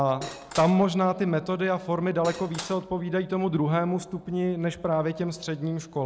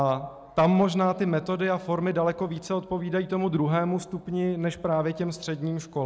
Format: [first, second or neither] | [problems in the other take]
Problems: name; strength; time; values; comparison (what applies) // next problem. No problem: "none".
second | background sound (Cutlery, silverware / Dishes, pots, and pans); 13 dB below the speech